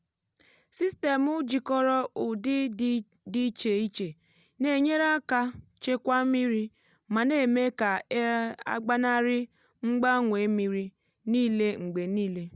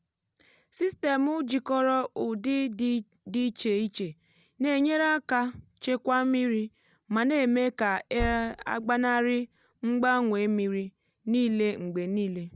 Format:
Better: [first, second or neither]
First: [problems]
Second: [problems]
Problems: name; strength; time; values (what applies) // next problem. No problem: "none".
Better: first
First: none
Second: background sound (Car); 12 dB below the speech